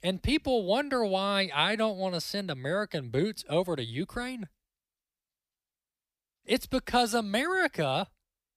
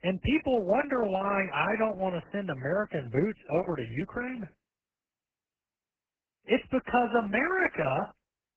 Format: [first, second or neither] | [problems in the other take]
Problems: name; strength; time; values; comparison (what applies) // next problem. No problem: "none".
first | garbled, watery; badly; nothing above 3 kHz